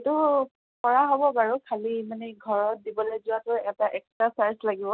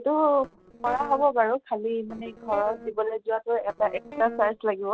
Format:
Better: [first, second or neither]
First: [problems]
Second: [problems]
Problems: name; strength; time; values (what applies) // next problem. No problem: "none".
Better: first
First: none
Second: noise reduction (neural separator model SepFormer DNS4)